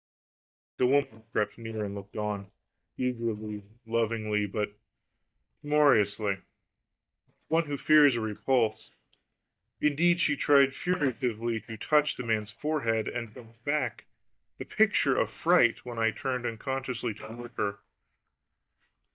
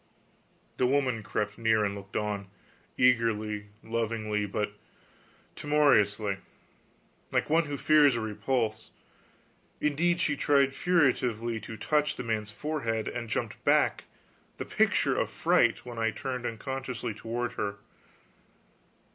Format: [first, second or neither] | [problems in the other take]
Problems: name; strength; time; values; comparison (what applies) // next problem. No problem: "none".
second | noise reduction (neural mask model DeepFilterNet 3)